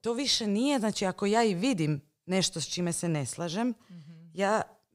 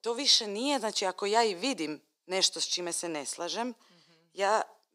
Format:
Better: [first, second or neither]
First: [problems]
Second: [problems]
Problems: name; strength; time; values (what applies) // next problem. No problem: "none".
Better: first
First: none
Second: thin; somewhat; fading below 300 Hz